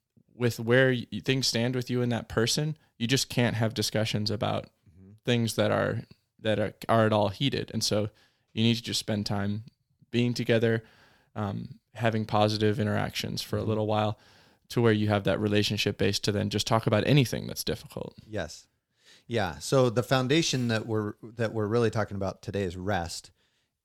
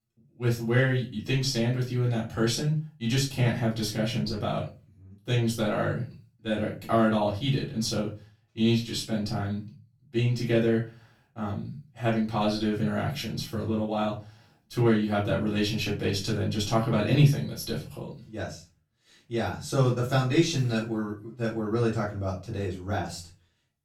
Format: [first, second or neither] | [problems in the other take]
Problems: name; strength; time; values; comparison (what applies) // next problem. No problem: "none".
first | off-mic speech; far // room echo; slight; dies away in 0.3 s